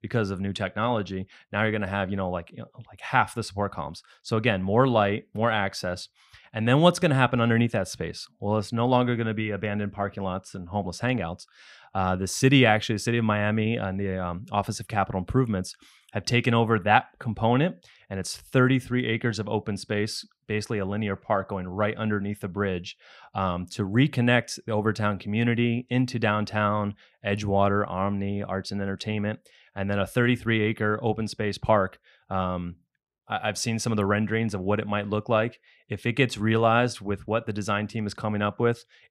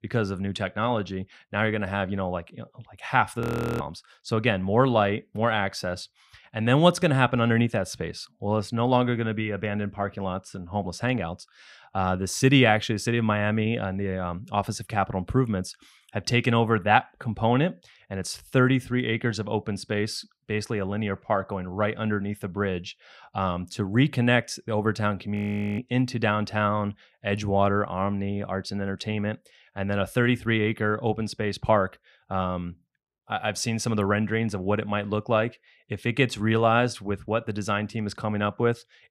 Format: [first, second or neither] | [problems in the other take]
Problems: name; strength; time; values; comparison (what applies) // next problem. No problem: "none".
first | audio freezing; at 3.5 s and at 25 s